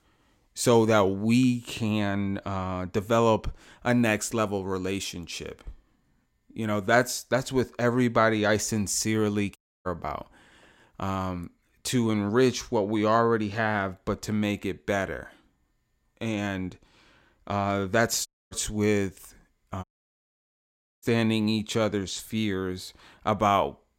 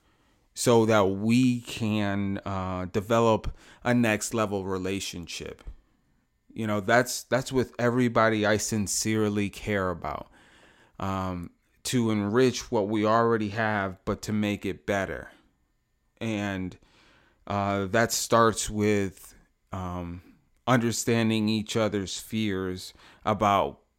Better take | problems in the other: second | audio cutting out; at 9.5 s, at 18 s and at 20 s for 1 s

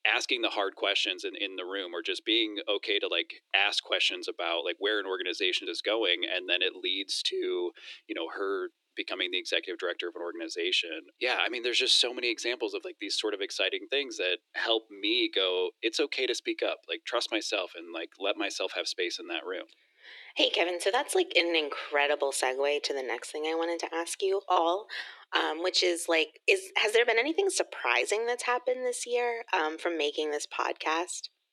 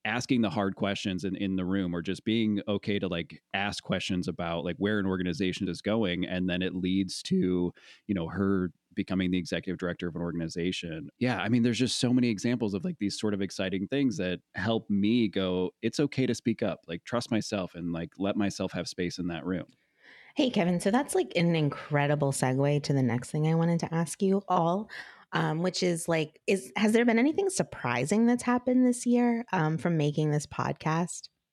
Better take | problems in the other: second | thin; very; fading below 350 Hz

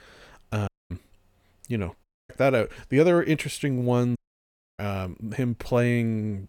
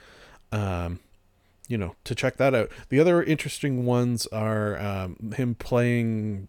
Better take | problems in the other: second | audio cutting out; at 0.5 s, at 2 s and at 4 s for 0.5 s

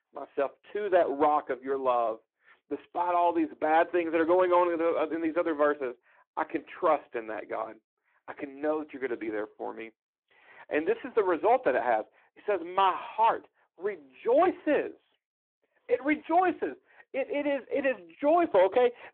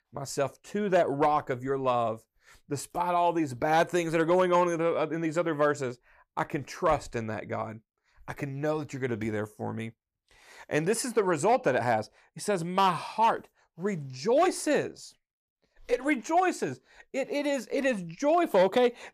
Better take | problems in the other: second | phone-call audio

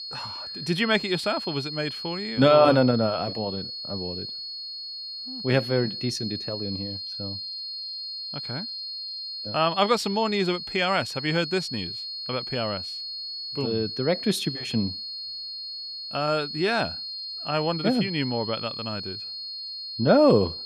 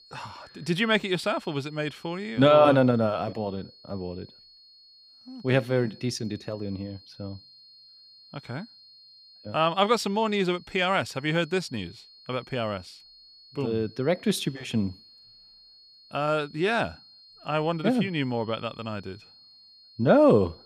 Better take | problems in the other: second | high-pitched whine; loud; throughout; 4.5 kHz, 7 dB below the speech; faint in the second

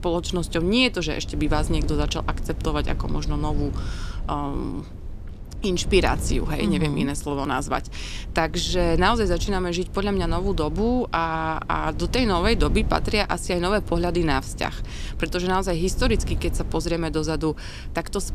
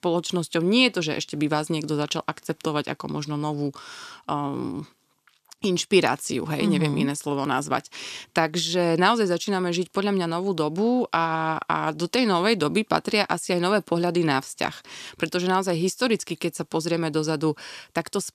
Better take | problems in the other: second | wind noise on the microphone; occasional gusts; 20 dB below the speech

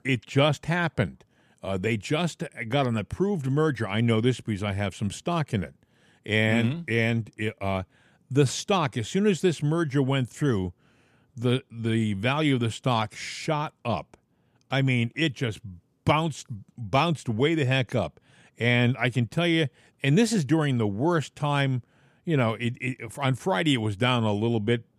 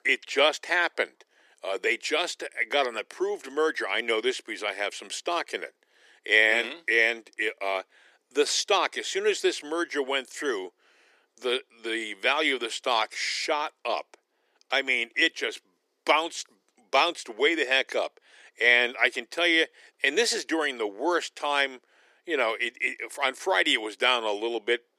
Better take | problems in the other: first | thin; very; fading below 350 Hz

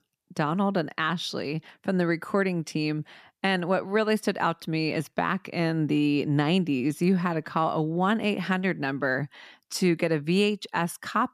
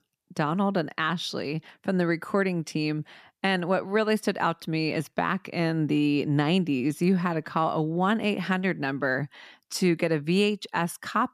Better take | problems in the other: neither | none

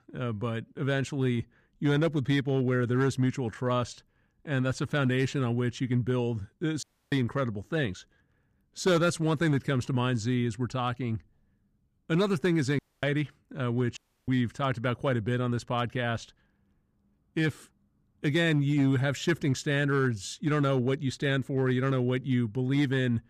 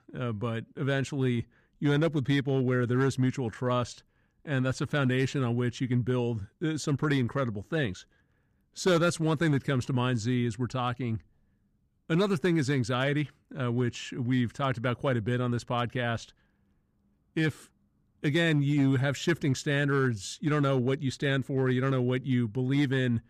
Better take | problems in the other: second | audio cutting out; at 7 s, at 13 s and at 14 s

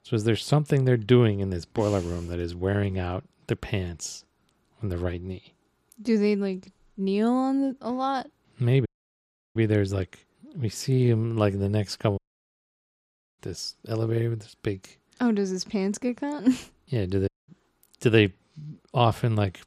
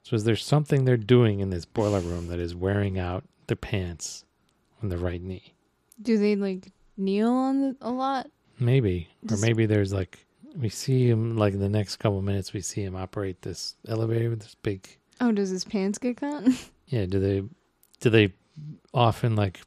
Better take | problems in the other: second | audio cutting out; at 9 s for 0.5 s, at 12 s for 1 s and at 17 s

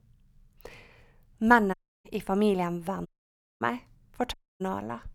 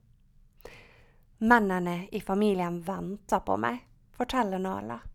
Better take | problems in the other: second | audio cutting out; at 1.5 s, at 3 s for 0.5 s and at 4.5 s

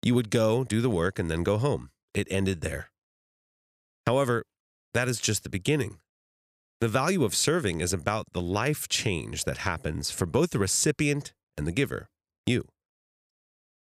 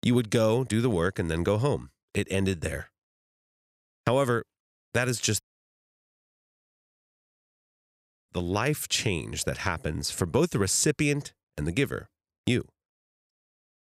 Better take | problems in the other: first | audio cutting out; at 5.5 s for 3 s

